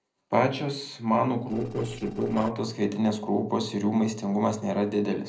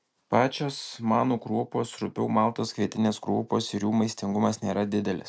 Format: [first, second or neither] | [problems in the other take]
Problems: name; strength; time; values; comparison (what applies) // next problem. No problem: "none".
second | noise reduction (neural separator model SepFormer DNS4)